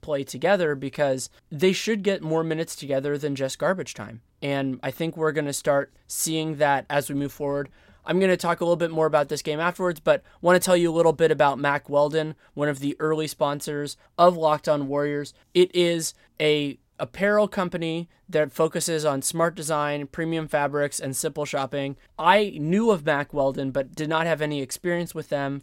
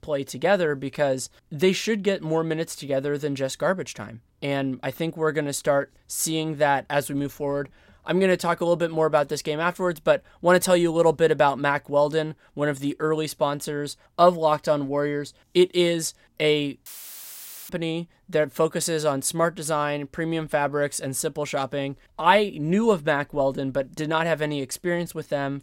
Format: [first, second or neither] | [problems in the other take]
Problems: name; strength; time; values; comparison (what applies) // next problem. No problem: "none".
first | audio cutting out; filled with static; at 17 s for 1 s